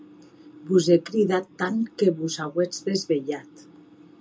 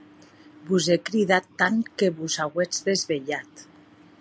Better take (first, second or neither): second